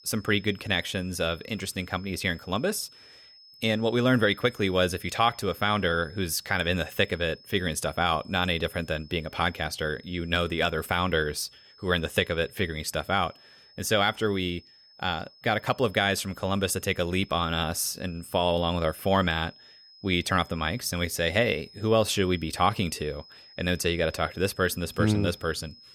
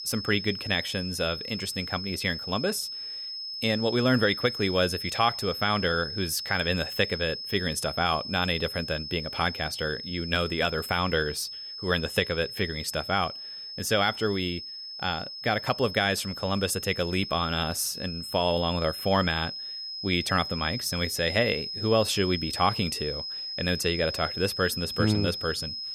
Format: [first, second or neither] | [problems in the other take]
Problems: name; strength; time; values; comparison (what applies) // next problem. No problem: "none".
first | high-pitched whine; loud; throughout; 5 kHz, 6 dB below the speech; faint in the first